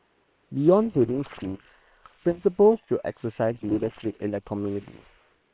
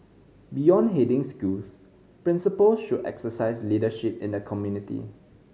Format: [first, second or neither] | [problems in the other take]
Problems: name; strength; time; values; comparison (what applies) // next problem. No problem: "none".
second | noise reduction (neural separator model SepFormer WHAM!)